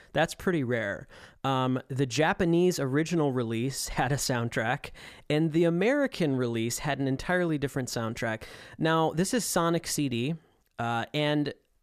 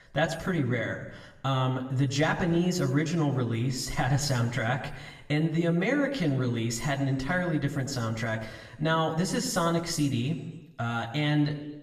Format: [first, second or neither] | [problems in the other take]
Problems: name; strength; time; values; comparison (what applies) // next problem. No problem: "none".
first | room echo; slight; dies away in 0.8 s // off-mic speech; somewhat distant